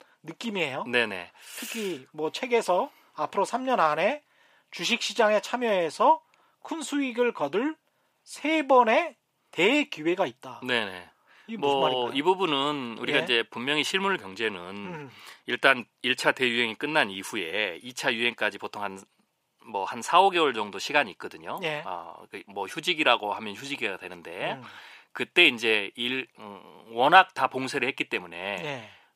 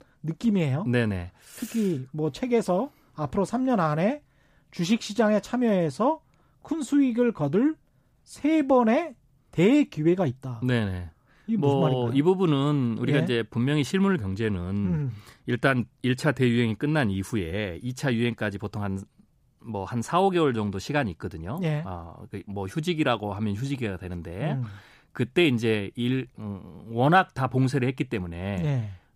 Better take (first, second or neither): second